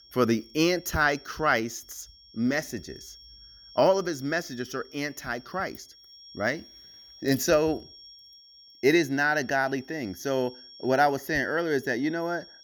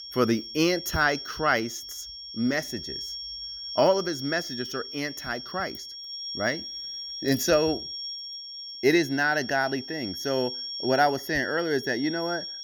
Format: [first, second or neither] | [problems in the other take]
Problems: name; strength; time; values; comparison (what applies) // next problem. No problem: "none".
first | high-pitched whine; loud; throughout; 5.5 kHz, 8 dB below the speech; faint in the first